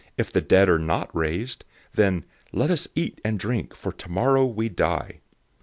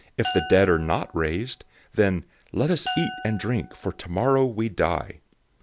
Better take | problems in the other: first | background sound (Glass); 13 dB below the speech

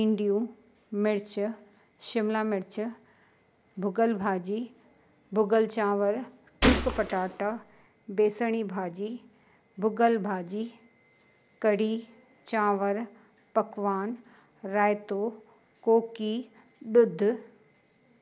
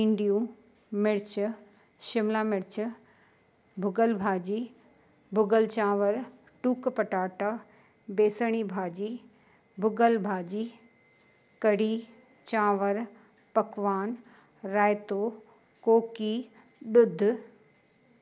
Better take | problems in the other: second | background sound (Gunshot, gunfire); as loud as the speech

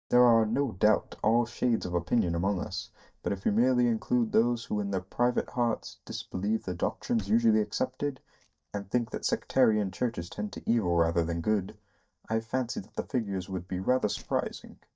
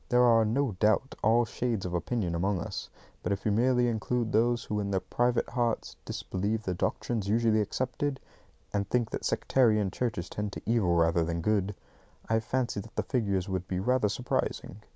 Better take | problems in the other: second | noise reduction (neural mask model DeepFilterNet 3)

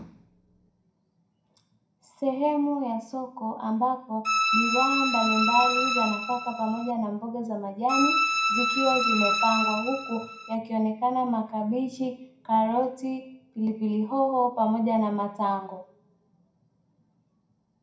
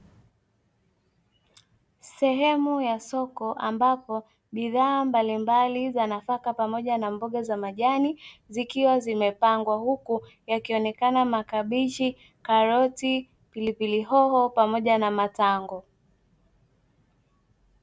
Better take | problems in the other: second | background sound (Bowed string instrument); 2 dB above the speech // room echo; dies away in 0.4 s

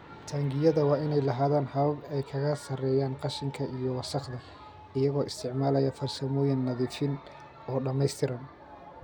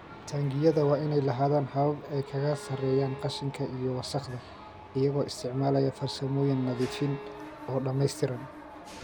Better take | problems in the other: first | background sound (Bowed string instrument + Mechanisms); 17 dB below the speech

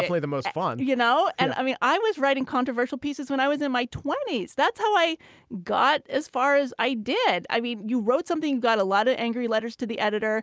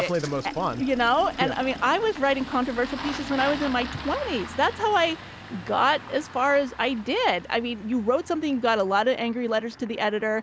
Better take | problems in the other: first | background sound (Engine starting); 14 dB below the speech

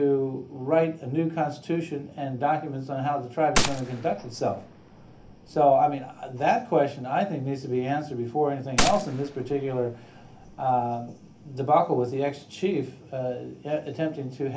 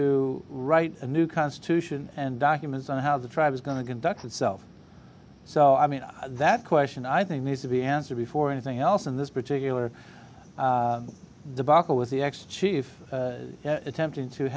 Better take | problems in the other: second | background sound (Gunshot, gunfire); 5 dB below the speech // room echo; dies away in 0.3 s

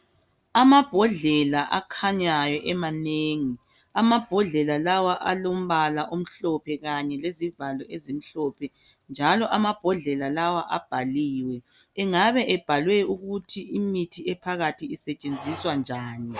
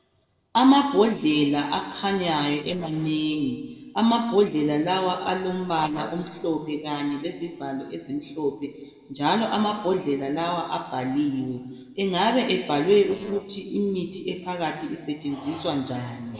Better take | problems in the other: first | noise reduction (neural separator model SepFormer DNS4)

